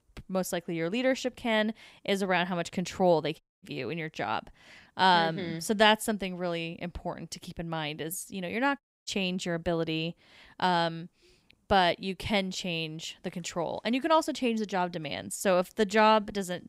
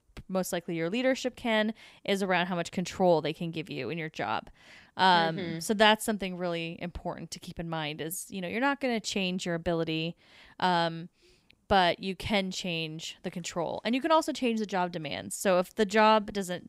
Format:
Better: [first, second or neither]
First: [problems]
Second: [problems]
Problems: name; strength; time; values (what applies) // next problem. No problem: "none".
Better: second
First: audio cutting out; at 3.5 s and at 9 s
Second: none